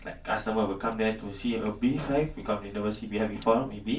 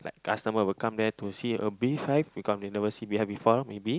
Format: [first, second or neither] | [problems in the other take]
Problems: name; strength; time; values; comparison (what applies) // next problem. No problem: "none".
second | background sound (Sink (filling or washing)); 18 dB below the speech // room echo; dies away in 0.2 s